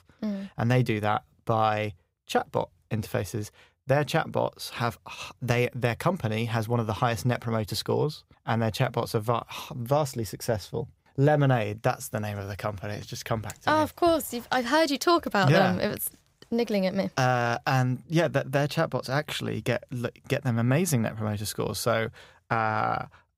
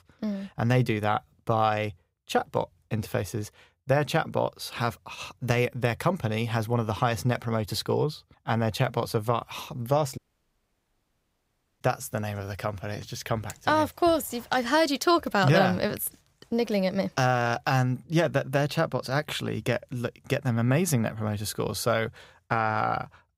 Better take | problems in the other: first | audio cutting out; at 10 s for 1.5 s

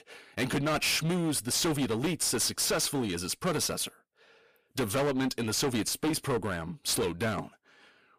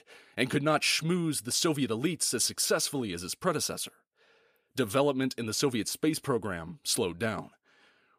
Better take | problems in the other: second | distortion; heavy; 16% of the sound clipped

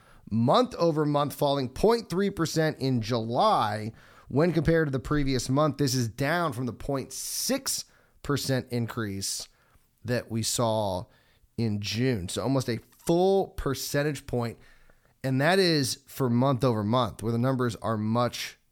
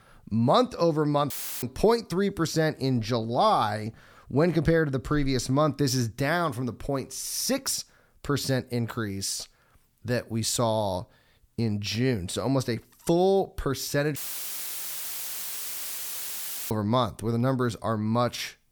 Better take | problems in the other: first | audio cutting out; filled with static; at 1.5 s and at 14 s for 2.5 s

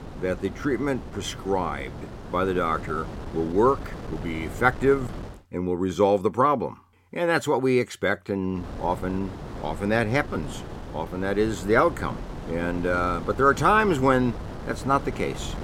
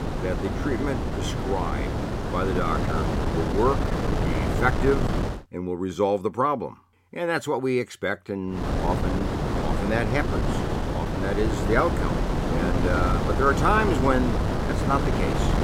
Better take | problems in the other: first | wind noise on the microphone; heavy; until 5.5 s and from 8.5 s on; 3 dB below the speech; occasional gusts in the first

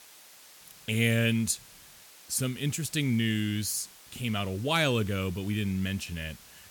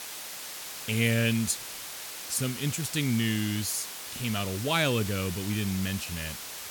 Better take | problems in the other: first | hiss; loud; throughout; 8 dB below the speech; faint in the first

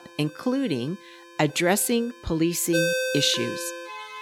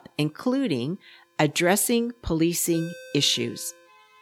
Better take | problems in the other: second | alarms or sirens; loud; throughout; 3 dB below the speech; faint in the second

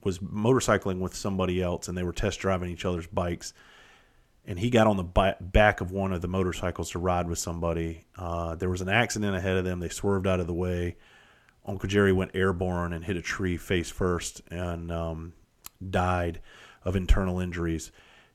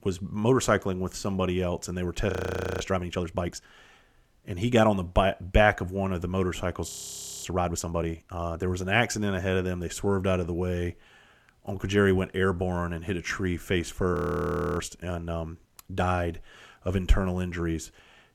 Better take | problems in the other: first | audio freezing; at 2.5 s for 0.5 s, at 7 s for 0.5 s and at 14 s for 0.5 s

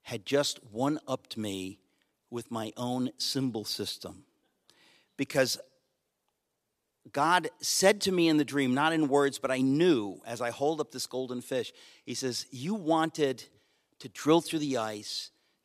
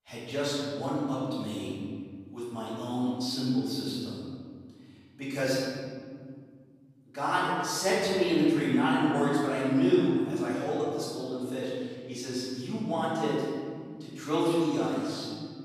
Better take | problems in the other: first | room echo; strong; dies away in 2.3 s // off-mic speech; far

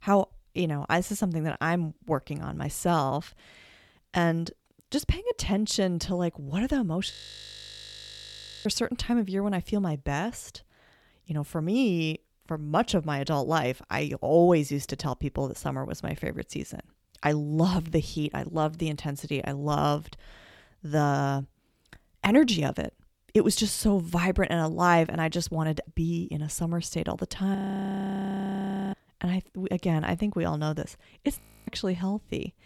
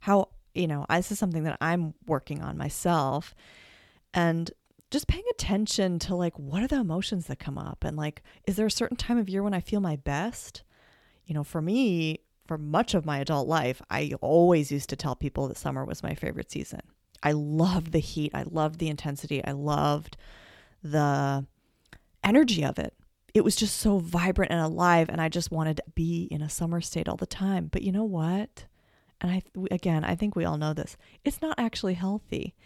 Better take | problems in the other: second | audio freezing; at 7 s for 1.5 s, at 28 s for 1.5 s and at 31 s

